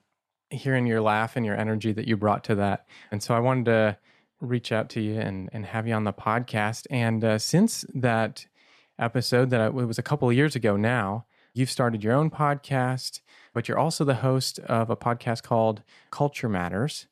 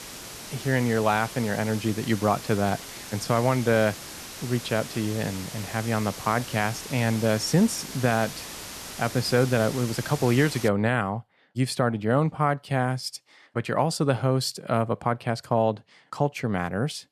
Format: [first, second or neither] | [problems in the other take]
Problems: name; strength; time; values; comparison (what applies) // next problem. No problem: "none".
first | hiss; noticeable; until 11 s; 10 dB below the speech